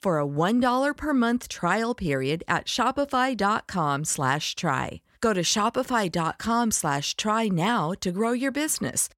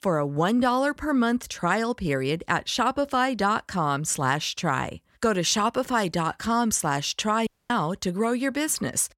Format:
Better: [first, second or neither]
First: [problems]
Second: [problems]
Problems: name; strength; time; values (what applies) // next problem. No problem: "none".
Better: first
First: none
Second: audio cutting out; at 7.5 s